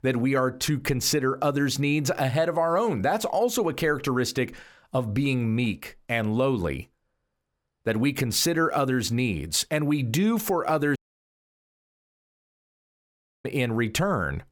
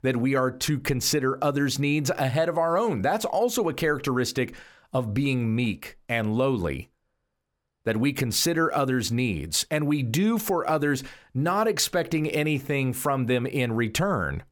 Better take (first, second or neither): second